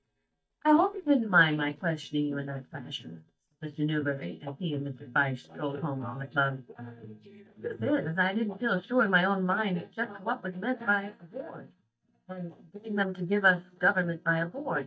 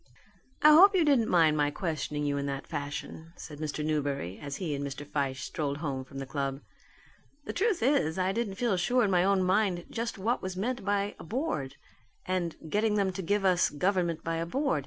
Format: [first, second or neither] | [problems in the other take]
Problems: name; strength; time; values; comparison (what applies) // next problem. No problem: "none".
second | noise reduction (neural mask model DeepFilterNet 3)